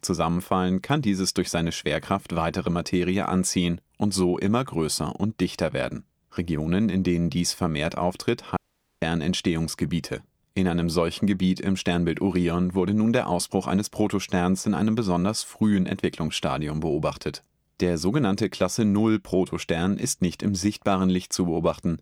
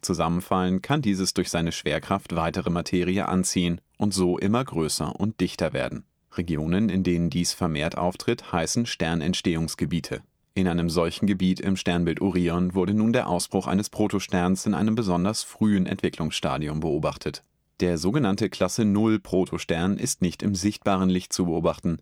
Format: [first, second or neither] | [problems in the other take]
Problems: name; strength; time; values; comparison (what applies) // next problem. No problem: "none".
second | audio cutting out; at 8.5 s